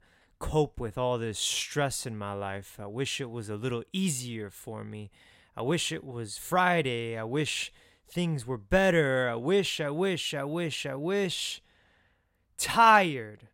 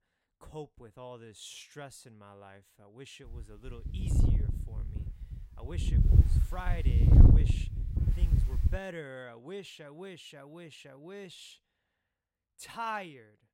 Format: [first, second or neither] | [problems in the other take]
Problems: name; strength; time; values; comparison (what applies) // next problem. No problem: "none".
first | wind noise on the microphone; heavy; from 3.5 to 9 s; 2 dB above the speech